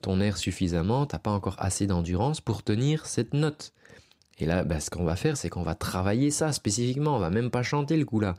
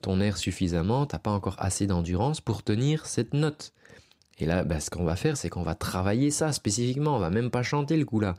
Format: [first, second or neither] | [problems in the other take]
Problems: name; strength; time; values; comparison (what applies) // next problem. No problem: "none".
neither | none